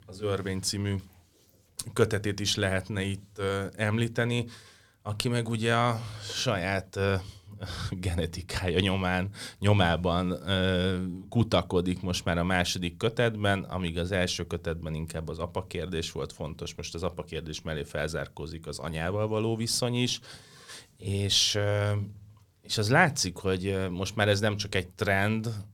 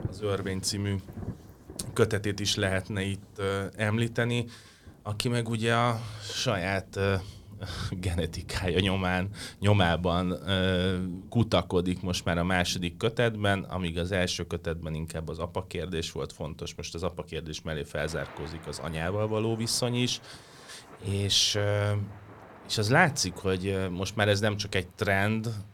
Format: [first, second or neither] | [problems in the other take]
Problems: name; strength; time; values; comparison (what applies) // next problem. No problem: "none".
first | rain or running water; faint; throughout; 20 dB below the speech